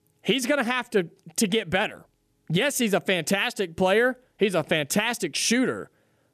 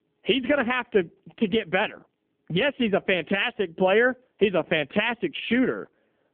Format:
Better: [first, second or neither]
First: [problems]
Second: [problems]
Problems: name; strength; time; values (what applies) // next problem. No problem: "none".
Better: first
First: none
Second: phone-call audio; poor line; nothing above 3.5 kHz